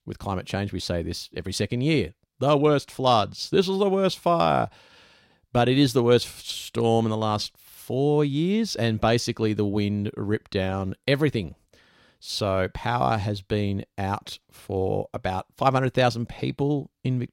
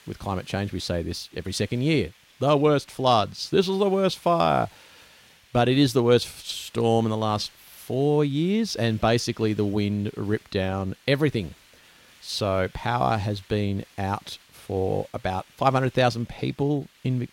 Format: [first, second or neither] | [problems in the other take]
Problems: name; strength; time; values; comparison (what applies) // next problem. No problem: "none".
first | hiss; faint; throughout; 30 dB below the speech